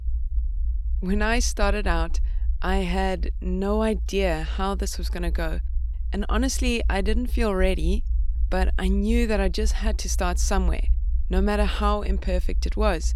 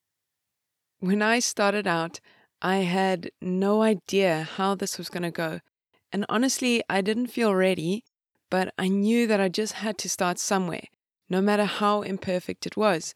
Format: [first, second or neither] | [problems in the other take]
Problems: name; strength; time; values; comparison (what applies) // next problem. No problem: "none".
second | low rumble; faint; throughout; 25 dB below the speech